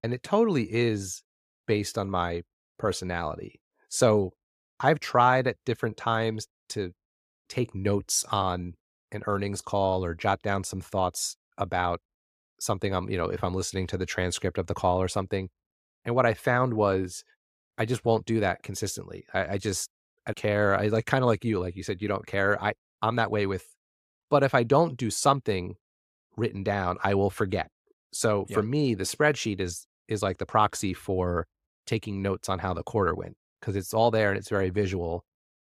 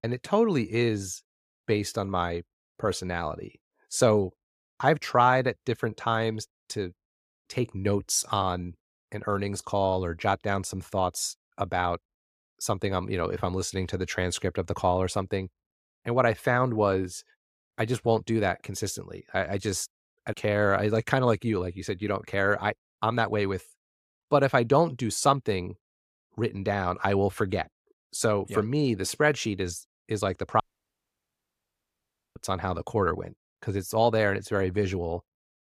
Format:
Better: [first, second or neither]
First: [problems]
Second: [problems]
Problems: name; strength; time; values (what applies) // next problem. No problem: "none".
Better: first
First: none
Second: audio cutting out; at 31 s for 2 s